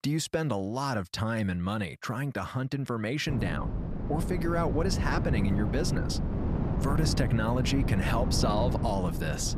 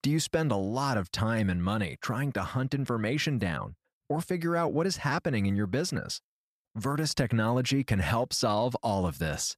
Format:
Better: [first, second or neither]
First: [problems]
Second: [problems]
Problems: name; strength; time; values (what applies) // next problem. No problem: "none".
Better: second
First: wind noise on the microphone; heavy; from 3.5 s on; 7 dB below the speech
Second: none